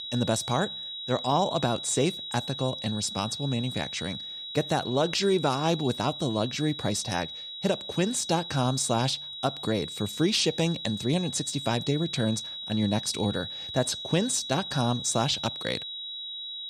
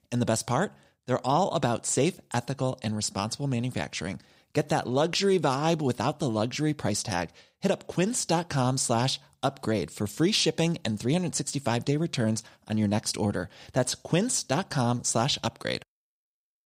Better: second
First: high-pitched whine; loud; throughout; 4 kHz, 7 dB below the speech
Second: none

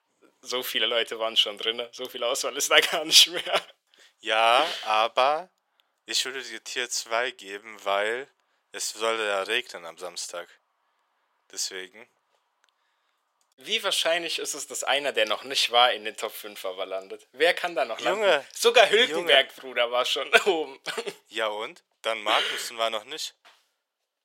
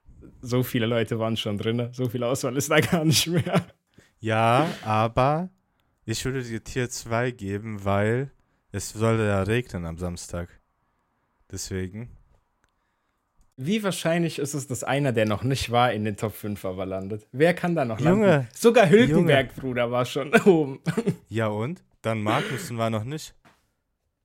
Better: second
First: thin; very; fading below 500 Hz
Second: none

